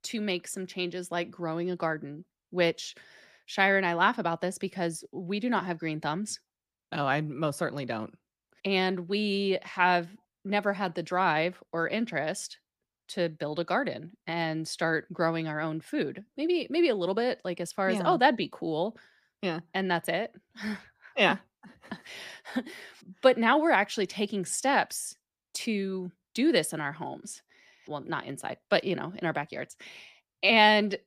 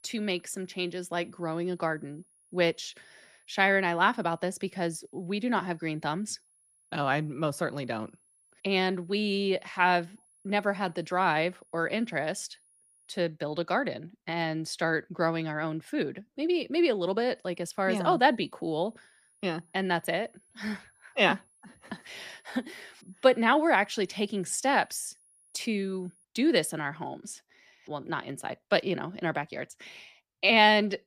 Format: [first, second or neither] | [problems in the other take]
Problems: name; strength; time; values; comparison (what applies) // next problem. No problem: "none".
first | high-pitched whine; faint; until 13 s and from 17 to 26 s; 10.5 kHz, 35 dB below the speech